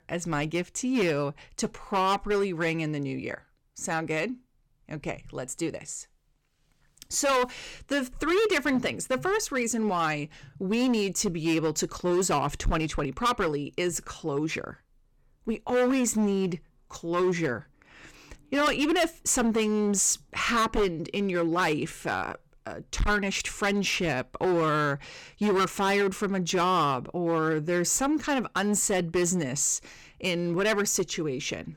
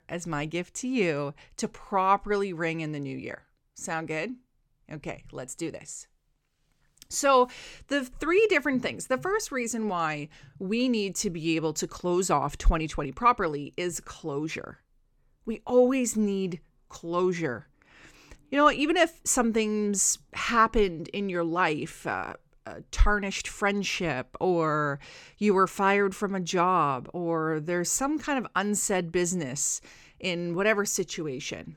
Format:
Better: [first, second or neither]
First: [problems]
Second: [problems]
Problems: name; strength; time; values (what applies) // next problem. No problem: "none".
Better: second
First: distortion; heavy; 9% of the sound clipped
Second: none